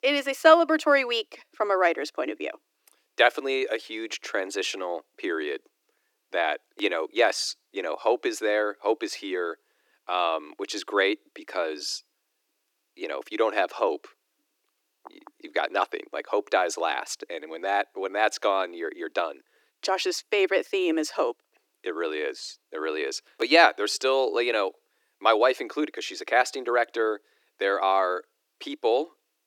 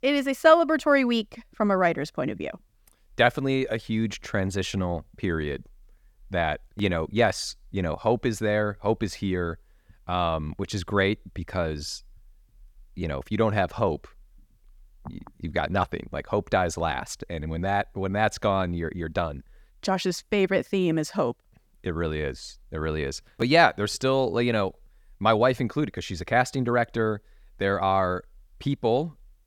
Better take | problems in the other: second | thin; very; fading below 300 Hz

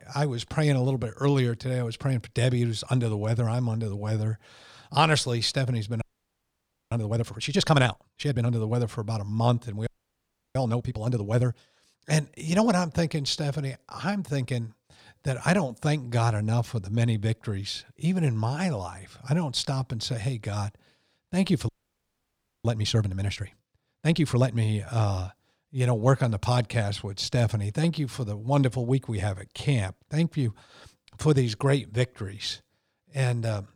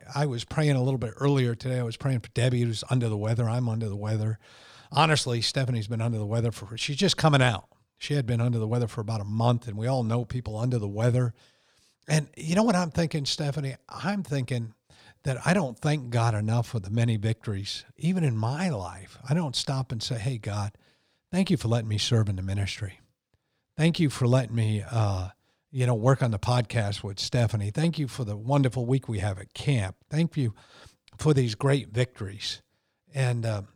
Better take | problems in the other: second | audio freezing; at 6 s for 1 s, at 10 s for 0.5 s and at 22 s for 1 s

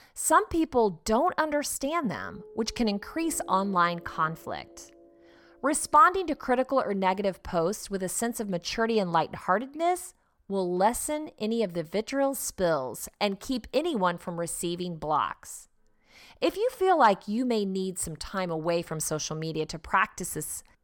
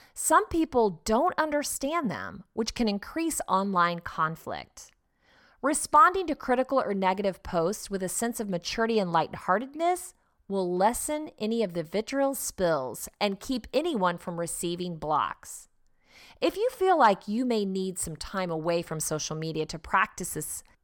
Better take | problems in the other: second | background music; faint; throughout; 25 dB below the speech

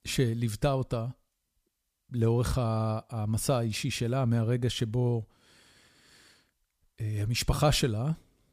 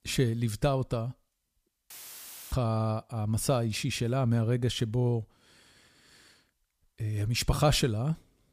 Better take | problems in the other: first | audio cutting out; filled with static; at 2 s for 0.5 s

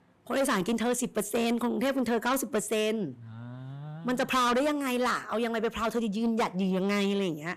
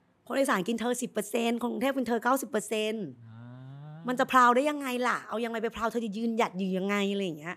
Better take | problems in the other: second | distortion; heavy; 7 dB below the speech

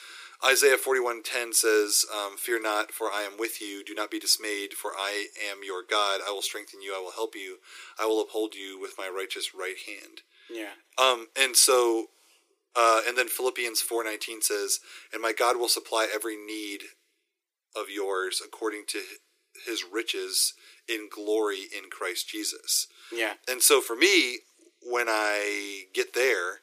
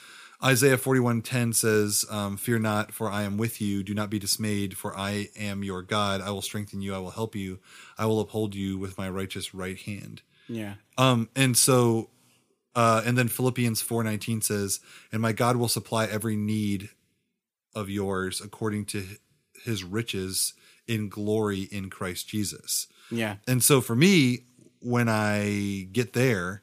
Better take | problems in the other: second | thin; very; fading below 300 Hz

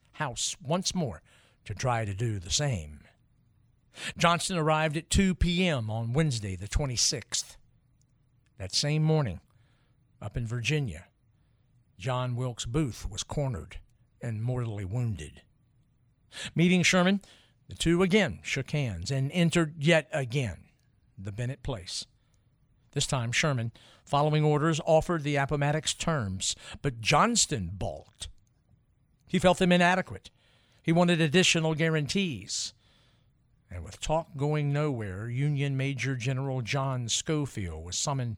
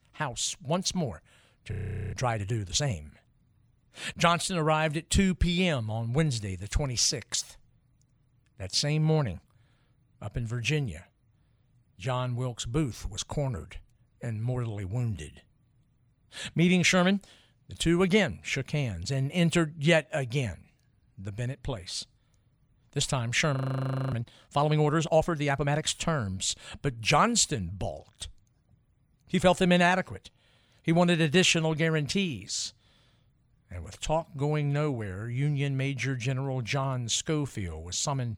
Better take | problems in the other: first | audio freezing; at 1.5 s and at 24 s for 0.5 s

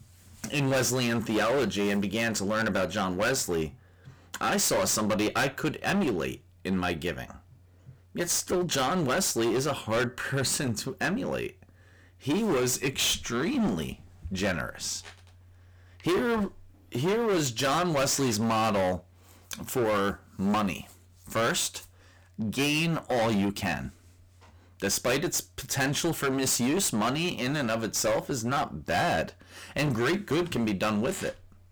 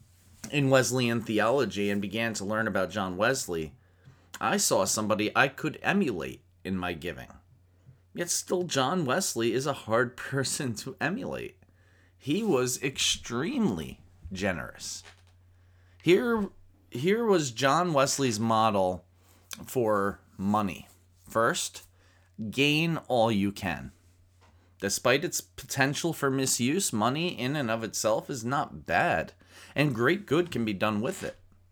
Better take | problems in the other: second | distortion; heavy; 17% of the sound clipped

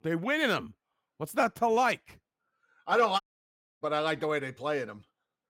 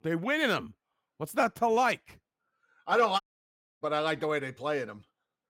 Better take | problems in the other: neither | audio cutting out; at 3 s for 0.5 s; the same in both

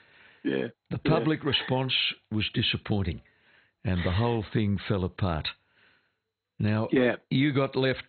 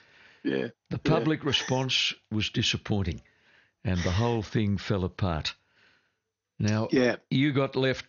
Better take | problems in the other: second | garbled, watery; badly; nothing above 4 kHz; slightly in the second

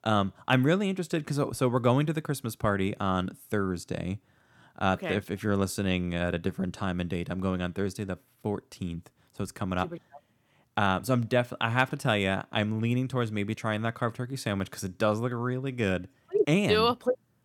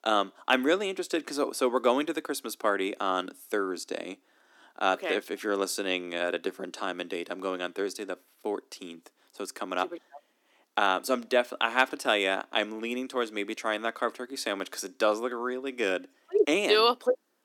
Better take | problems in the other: first | thin; somewhat; fading below 300 Hz

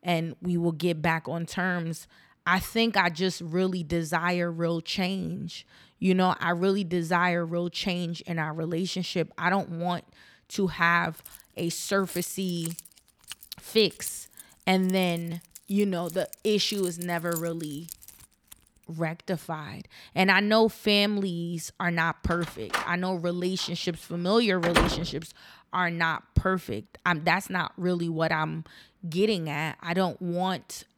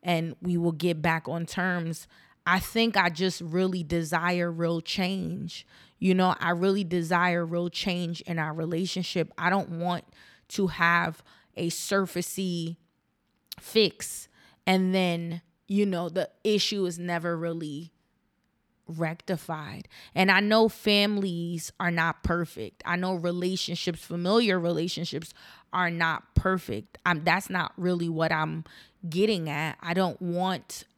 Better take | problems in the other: second | jangling keys; noticeable; from 11 to 19 s; peak 10 dB below the speech // door banging; loud; from 23 to 25 s; peak 2 dB above the speech

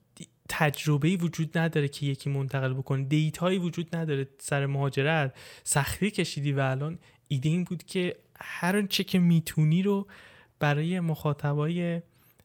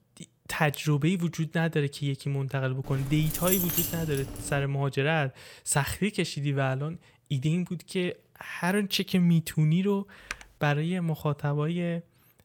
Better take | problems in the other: first | jangling keys; loud; from 3 to 4.5 s; peak 3 dB above the speech // keyboard typing; faint; at 10 s; peak 10 dB below the speech

